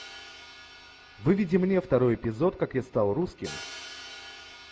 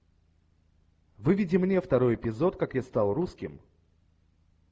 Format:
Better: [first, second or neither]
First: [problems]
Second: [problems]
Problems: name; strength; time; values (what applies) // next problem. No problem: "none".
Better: second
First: background sound (Crash cymbal); 18 dB below the speech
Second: none